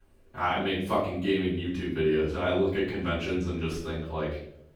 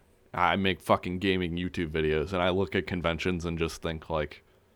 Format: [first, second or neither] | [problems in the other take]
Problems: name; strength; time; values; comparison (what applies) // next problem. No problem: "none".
second | off-mic speech; far // room echo; noticeable; dies away in 0.6 s